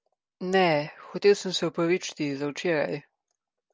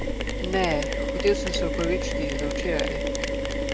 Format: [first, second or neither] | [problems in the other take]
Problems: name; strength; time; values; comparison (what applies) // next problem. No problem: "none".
first | background sound (Mechanisms); 2 dB above the speech